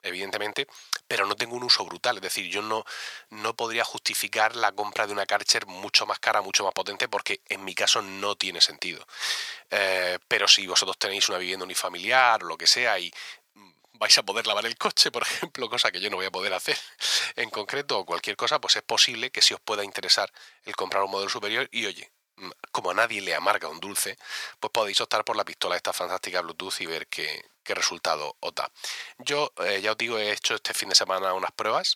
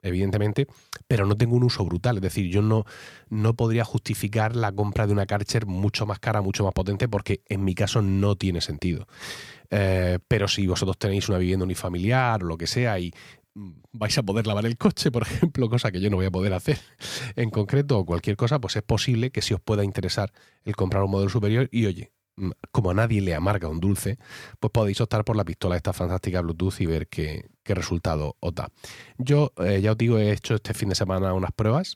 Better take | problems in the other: second | thin; very; fading below 850 Hz

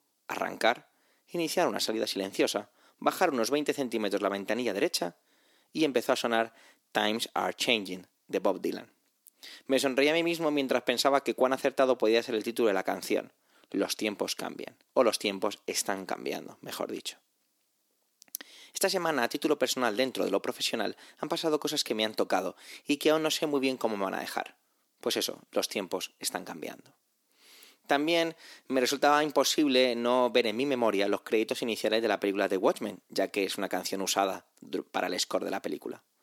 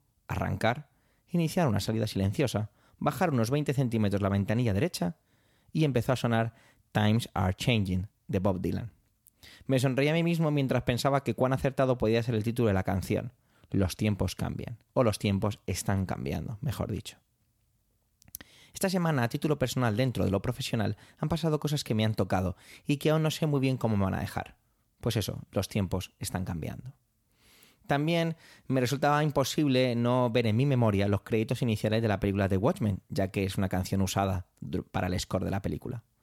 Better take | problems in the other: second | thin; somewhat; fading below 300 Hz

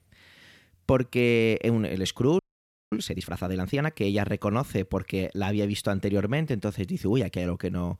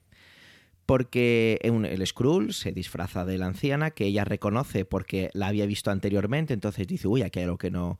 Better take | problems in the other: second | audio freezing; at 2.5 s for 0.5 s

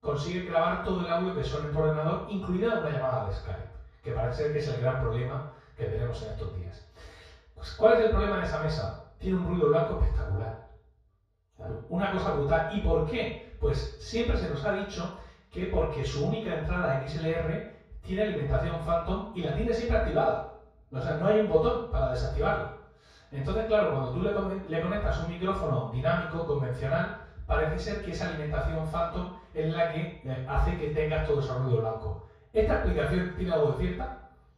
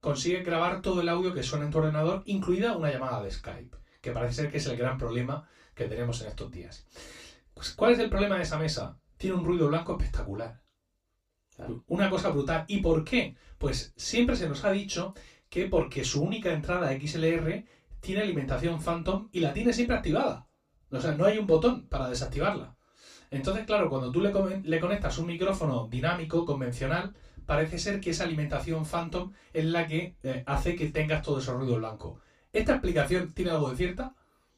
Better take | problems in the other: second | room echo; strong; dies away in 0.7 s; slight in the second // off-mic speech; far; far in the second

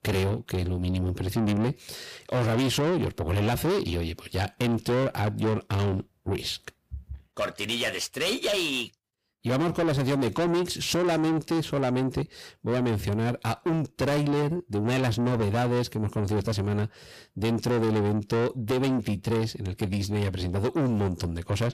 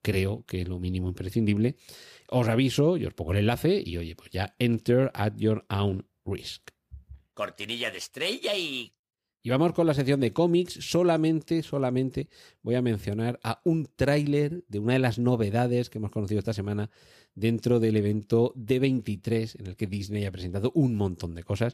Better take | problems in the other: second | distortion; heavy; 6 dB below the speech

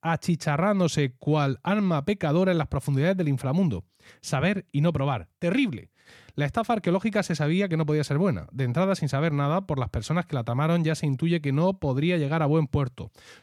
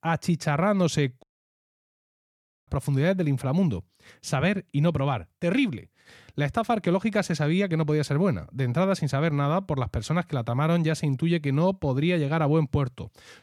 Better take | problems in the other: first | audio cutting out; at 1 s for 1.5 s

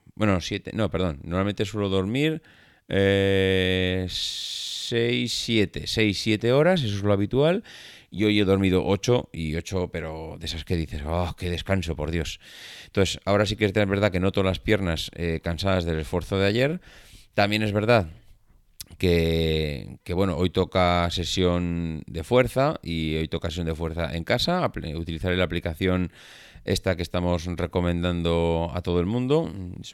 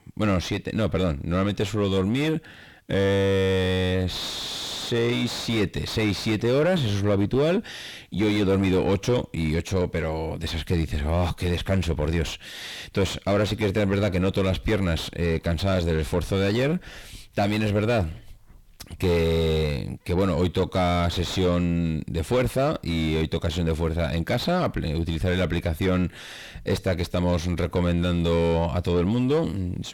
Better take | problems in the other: first | distortion; heavy; 6 dB below the speech

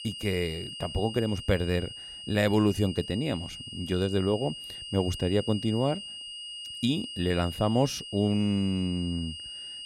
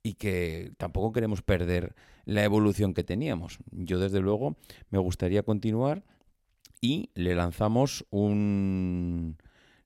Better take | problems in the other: second | high-pitched whine; loud; throughout; 3 kHz, 10 dB below the speech

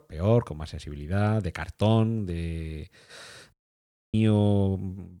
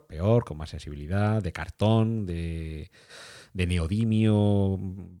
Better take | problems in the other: second | audio cutting out; at 3.5 s for 0.5 s

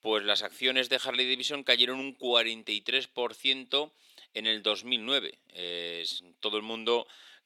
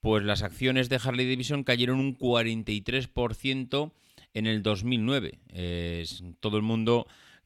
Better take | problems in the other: second | thin; somewhat; fading below 350 Hz

